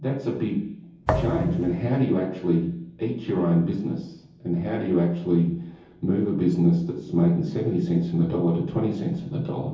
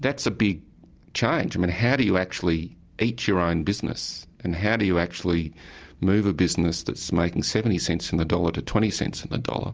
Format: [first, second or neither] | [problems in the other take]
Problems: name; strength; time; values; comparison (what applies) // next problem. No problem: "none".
second | background sound (Thump, thud); 5 dB below the speech // room echo; dies away in 0.7 s